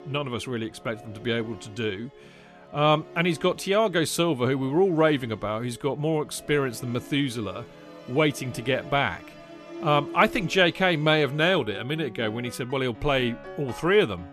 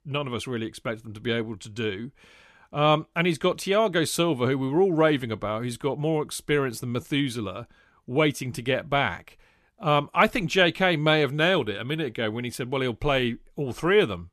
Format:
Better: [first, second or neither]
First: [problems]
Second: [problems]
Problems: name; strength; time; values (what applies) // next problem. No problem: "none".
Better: second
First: background music; noticeable; throughout; 20 dB below the speech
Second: none